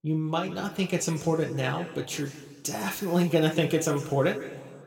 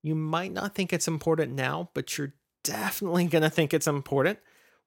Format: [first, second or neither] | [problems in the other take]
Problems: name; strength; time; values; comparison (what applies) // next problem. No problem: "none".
second | room echo; slight; dies away in 1.6 s